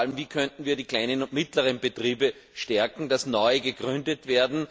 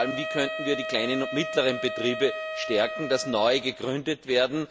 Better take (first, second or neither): first